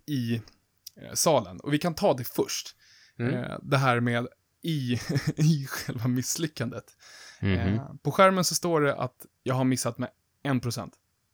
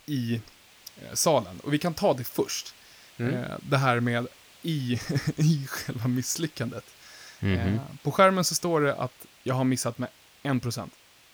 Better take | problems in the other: first | hiss; faint; throughout; 25 dB below the speech

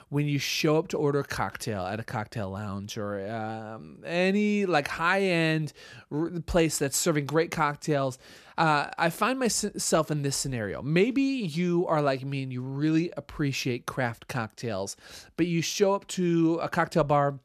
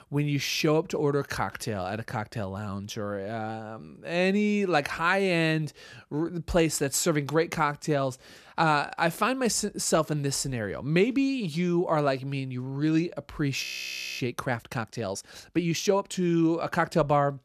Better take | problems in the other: first | audio freezing; at 14 s for 0.5 s

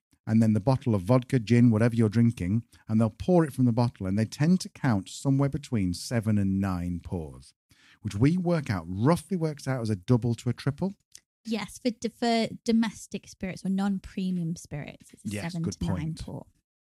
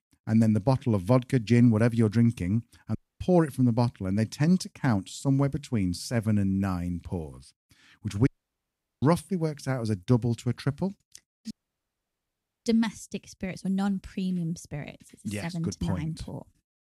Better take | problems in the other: first | audio cutting out; at 3 s, at 8.5 s for 1 s and at 12 s for 1 s

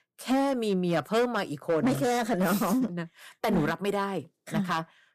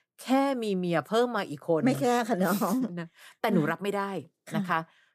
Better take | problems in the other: second | distortion; slight; 8% of the sound clipped

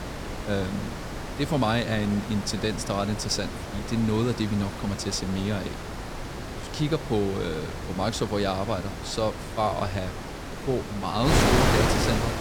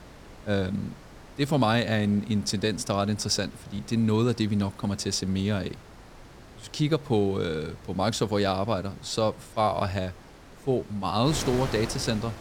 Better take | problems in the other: second | wind noise on the microphone; heavy; 2 dB below the speech; occasional gusts in the second

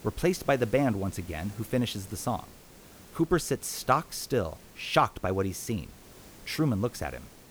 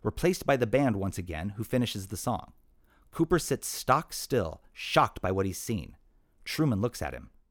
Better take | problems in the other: second | hiss; faint; throughout; 20 dB below the speech

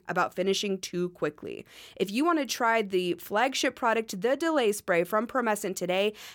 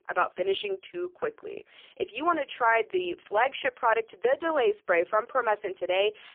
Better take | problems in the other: first | phone-call audio; poor line; nothing above 3.5 kHz

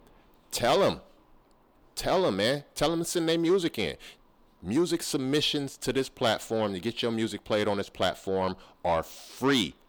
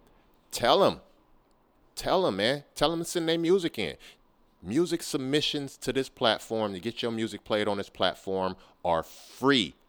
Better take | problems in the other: second | distortion; slight; 10 dB below the speech

